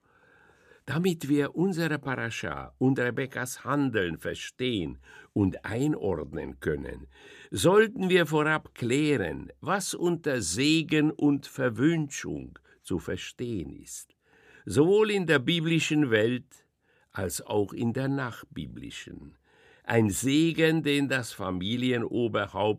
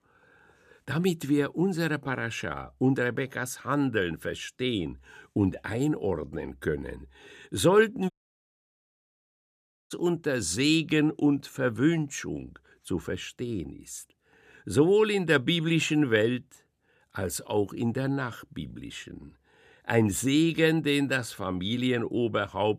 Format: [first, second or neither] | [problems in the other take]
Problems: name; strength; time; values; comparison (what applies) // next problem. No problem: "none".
first | audio cutting out; at 8 s for 2 s